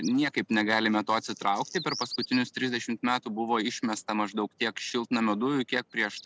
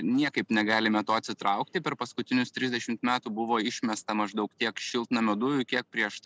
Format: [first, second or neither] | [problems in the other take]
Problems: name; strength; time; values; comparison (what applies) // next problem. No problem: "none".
second | background sound (Bird vocalization, bird call, bird song); 18 dB below the speech